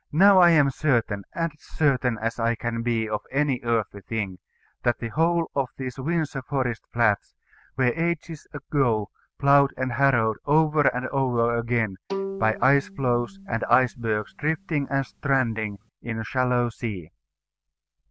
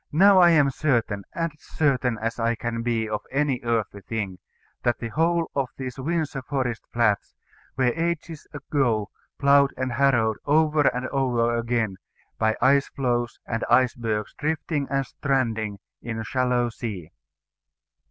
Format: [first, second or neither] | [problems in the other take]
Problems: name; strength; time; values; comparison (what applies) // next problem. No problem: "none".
second | background sound (Bowed string instrument); 13 dB below the speech